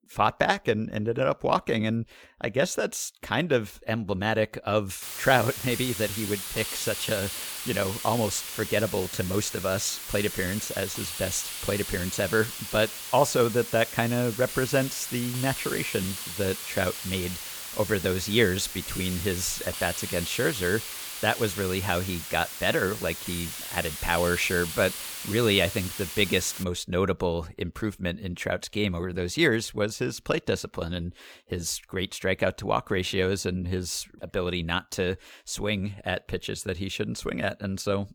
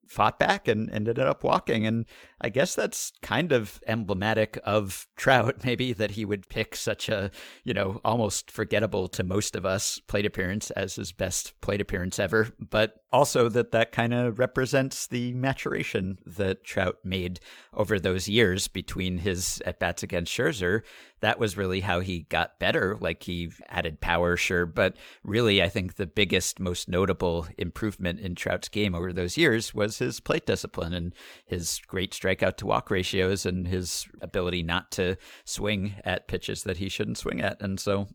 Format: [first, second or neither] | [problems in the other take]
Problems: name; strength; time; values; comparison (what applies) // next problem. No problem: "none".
second | hiss; loud; from 5 to 27 s; 6 dB below the speech